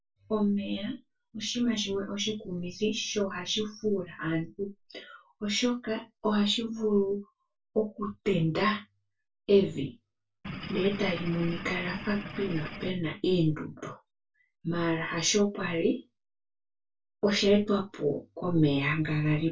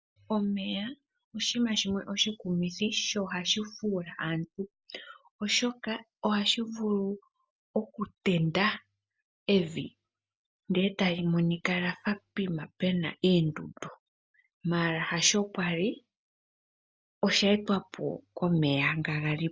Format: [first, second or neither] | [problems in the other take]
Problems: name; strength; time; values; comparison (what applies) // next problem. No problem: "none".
second | noise reduction (neural separator model SepFormer DNS4)